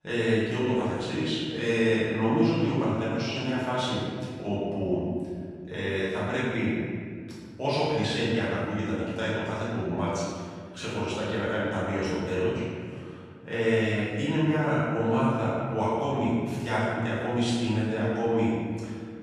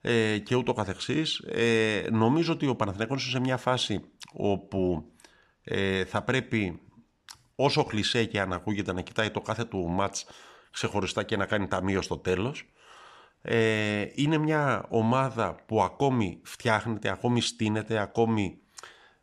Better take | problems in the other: second | off-mic speech; far // room echo; strong; dies away in 2 s

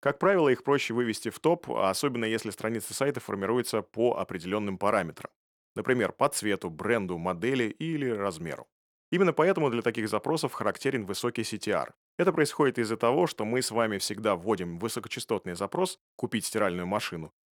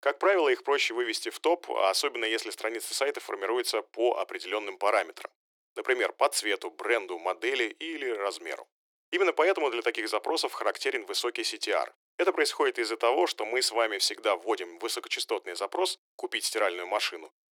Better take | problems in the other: first | thin; very; fading below 350 Hz

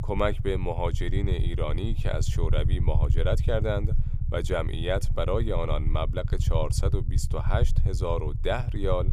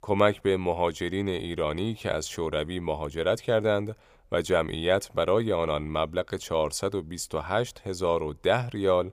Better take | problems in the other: second | low rumble; noticeable; throughout; 10 dB below the speech

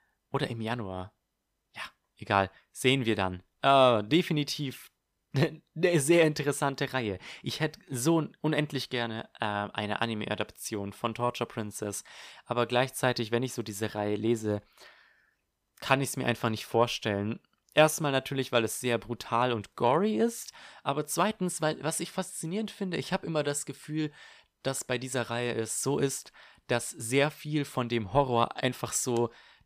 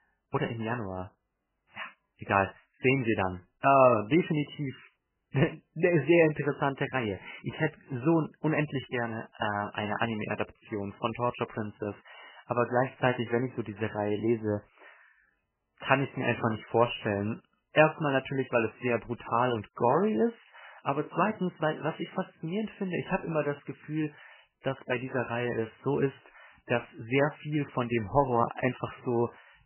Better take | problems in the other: first | garbled, watery; badly; nothing above 3 kHz

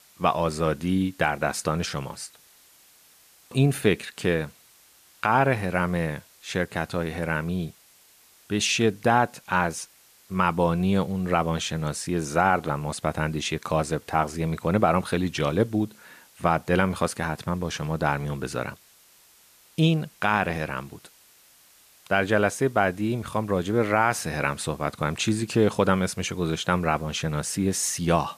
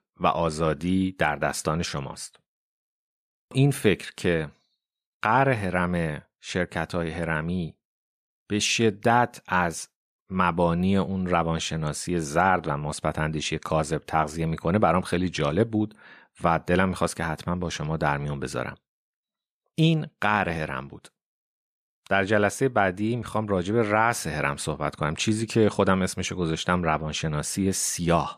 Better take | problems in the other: second | hiss; faint; throughout; 30 dB below the speech

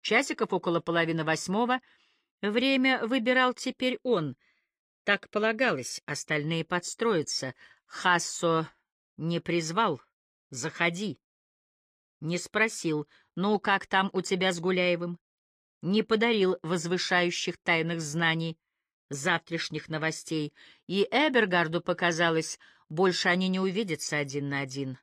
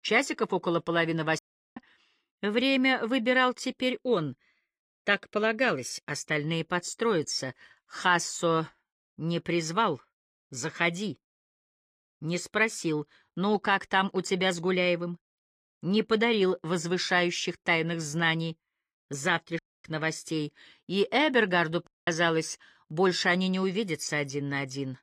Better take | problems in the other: first | audio cutting out; at 1.5 s, at 20 s and at 22 s

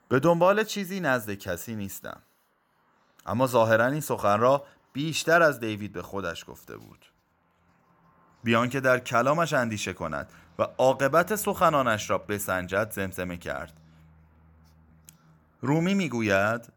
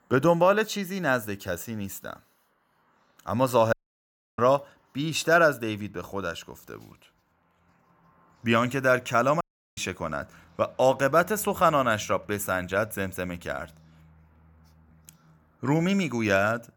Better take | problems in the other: first | audio cutting out; at 3.5 s for 0.5 s and at 9.5 s

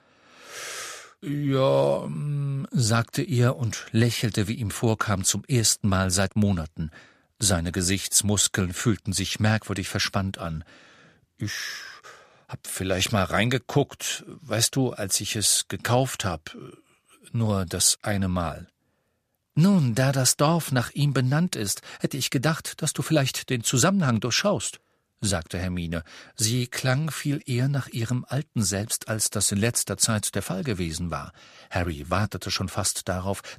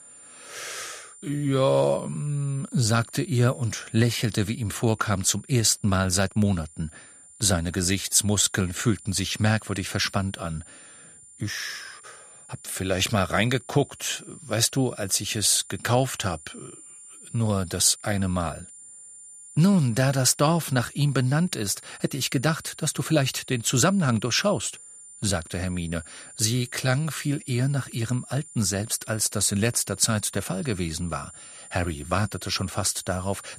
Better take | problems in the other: first | high-pitched whine; noticeable; throughout; 9 kHz, 20 dB below the speech

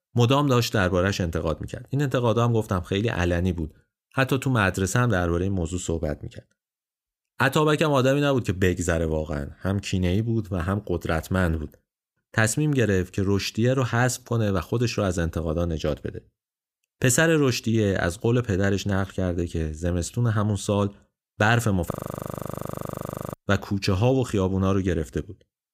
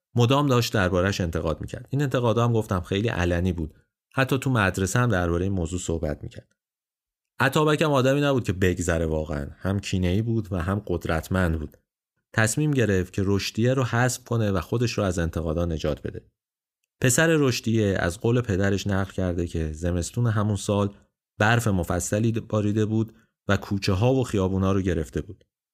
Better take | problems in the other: second | audio freezing; at 22 s for 1.5 s

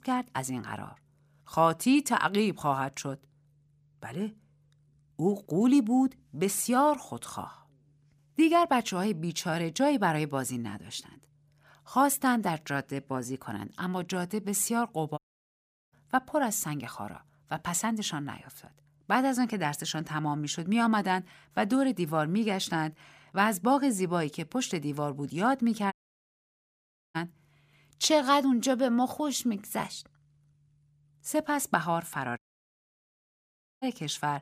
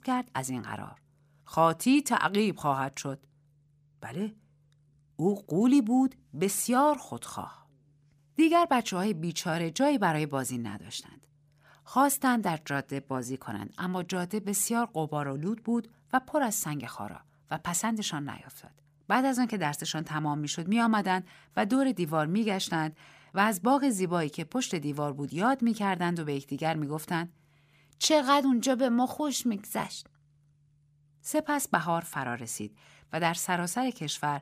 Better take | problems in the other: second | audio cutting out; at 15 s for 0.5 s, at 26 s for 1 s and at 32 s for 1.5 s

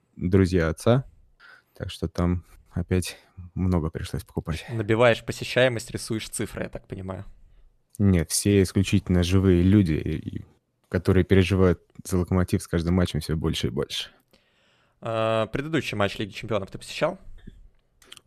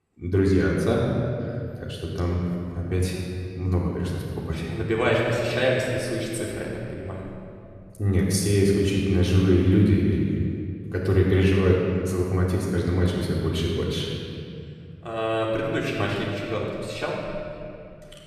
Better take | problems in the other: first | off-mic speech; far // room echo; noticeable; dies away in 2.2 s

